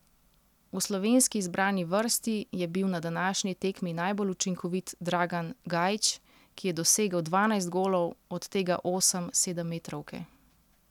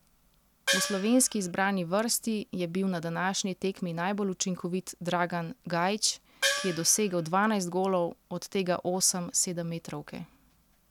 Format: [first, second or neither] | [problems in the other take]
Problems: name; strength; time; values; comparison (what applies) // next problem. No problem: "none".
first | background sound (Gong); 2 dB below the speech